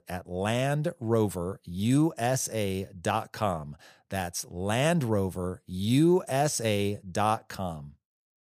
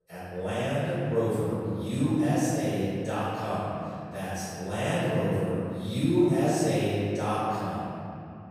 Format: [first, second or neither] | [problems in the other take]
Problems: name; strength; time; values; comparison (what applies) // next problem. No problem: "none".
first | off-mic speech; far // room echo; strong; dies away in 2.6 s